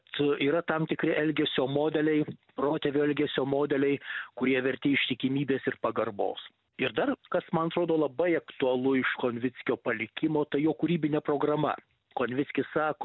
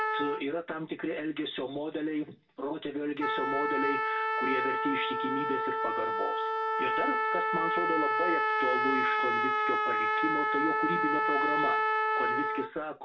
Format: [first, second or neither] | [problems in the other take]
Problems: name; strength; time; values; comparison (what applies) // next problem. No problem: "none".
first | background sound (Trumpet); 5 dB above the speech // room echo; dies away in 0.2 s